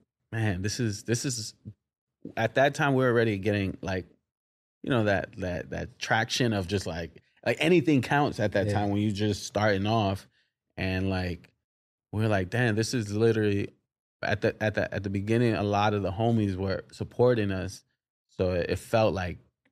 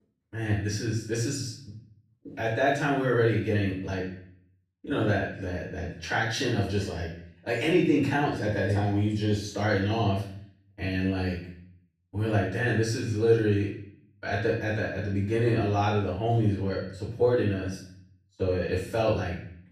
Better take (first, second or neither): first